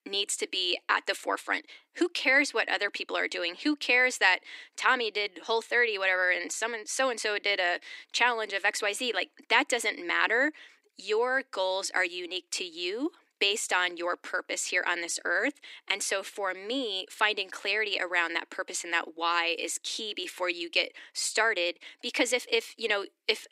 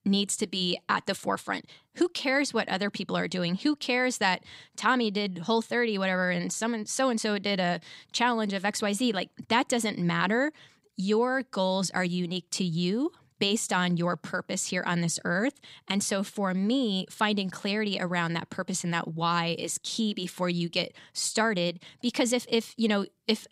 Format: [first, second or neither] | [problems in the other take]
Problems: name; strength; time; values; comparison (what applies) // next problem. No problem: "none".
second | thin; somewhat; fading below 300 Hz